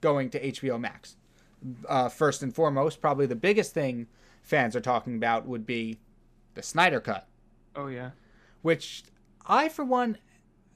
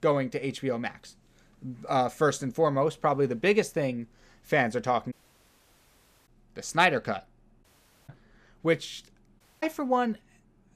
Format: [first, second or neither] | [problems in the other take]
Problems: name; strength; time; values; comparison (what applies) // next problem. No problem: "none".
first | audio cutting out; at 5 s for 1 s, at 7.5 s and at 9.5 s